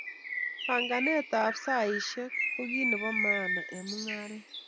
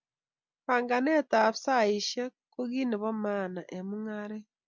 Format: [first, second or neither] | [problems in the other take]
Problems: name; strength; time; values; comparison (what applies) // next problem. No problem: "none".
second | background sound (Bird); 1 dB below the speech